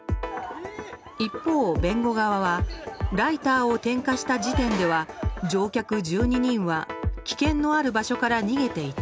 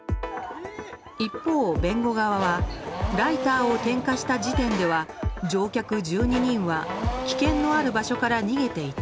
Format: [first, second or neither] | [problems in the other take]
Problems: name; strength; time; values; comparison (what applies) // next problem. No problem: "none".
first | background sound (Race car, auto racing / Accelerating, revving, vroom); 9 dB below the speech